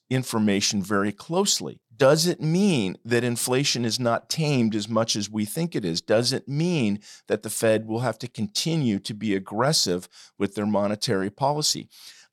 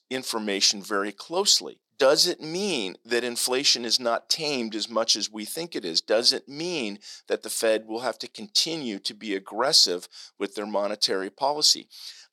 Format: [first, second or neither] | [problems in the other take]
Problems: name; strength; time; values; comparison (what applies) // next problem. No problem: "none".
first | thin; somewhat; fading below 300 Hz